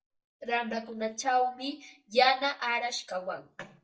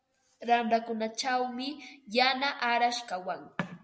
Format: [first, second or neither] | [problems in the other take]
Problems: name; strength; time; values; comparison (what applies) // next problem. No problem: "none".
second | noise reduction (neural mask model DeepFilterNet 3)